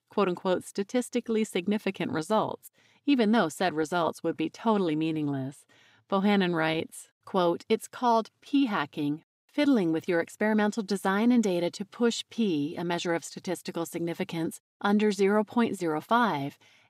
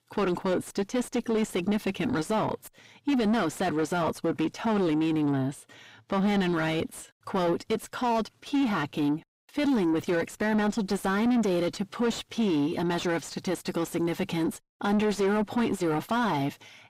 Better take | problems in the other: first | distortion; heavy; 8 dB below the speech

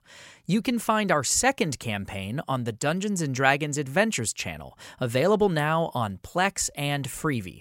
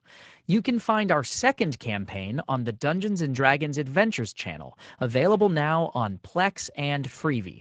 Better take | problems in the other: first | garbled, watery; slightly

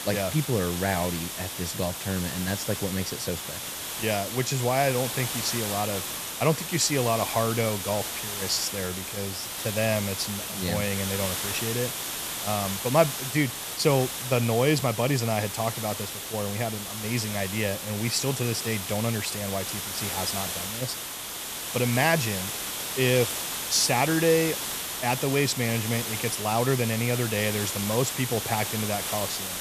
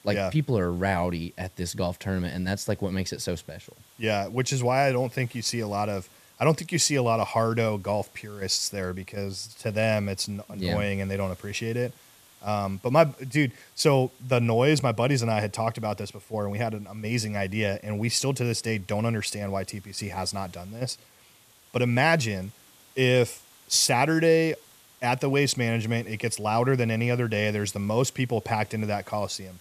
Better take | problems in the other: second | hiss; loud; throughout; 3 dB below the speech; faint in the second

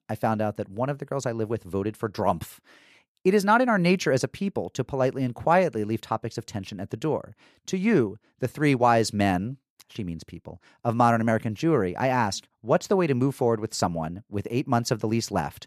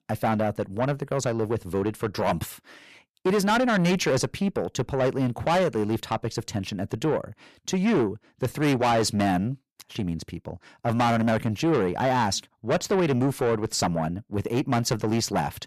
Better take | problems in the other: first | distortion; heavy; 7 dB below the speech

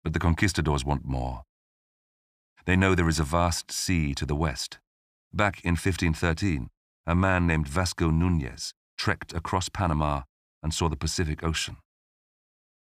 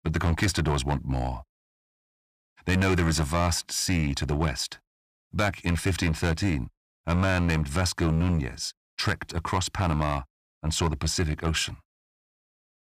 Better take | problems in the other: first | distortion; slight; 5% of the sound clipped

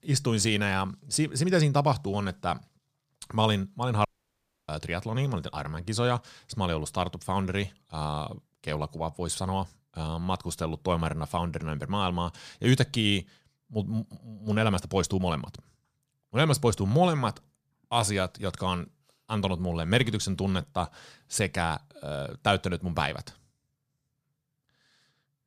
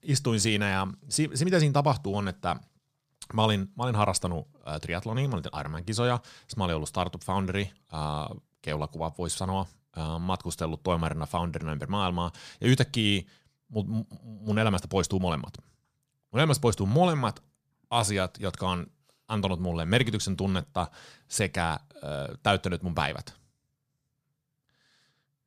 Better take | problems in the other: second | audio cutting out; at 4 s for 0.5 s

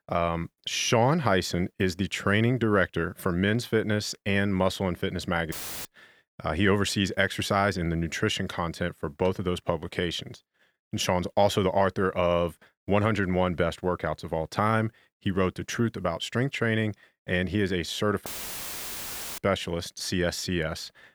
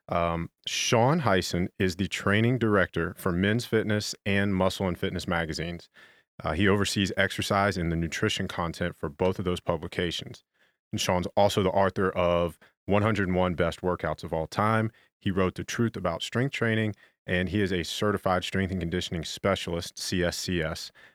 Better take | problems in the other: second | audio cutting out; filled with static; at 5.5 s and at 18 s for 1 s

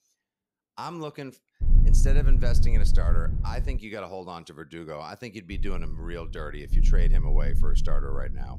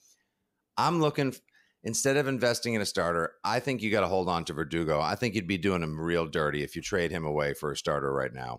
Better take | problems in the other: second | low rumble; loud; from 1.5 to 4 s and from 5.5 s on; 8 dB below the speech

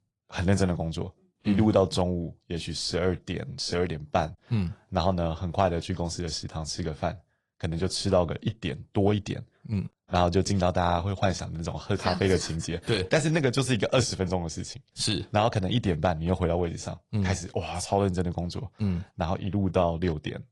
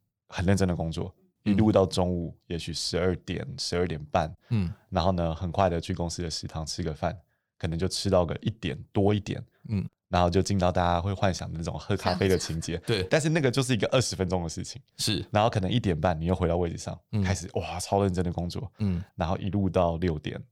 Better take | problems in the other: second | garbled, watery; slightly; nothing above 10 kHz

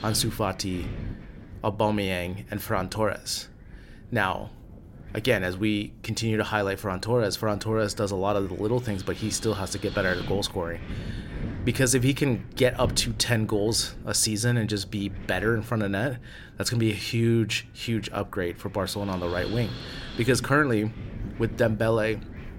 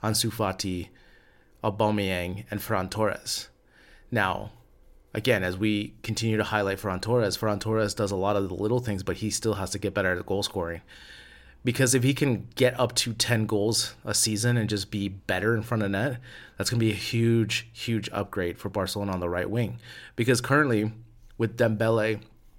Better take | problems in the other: second | wind noise on the microphone; occasional gusts; 15 dB below the speech

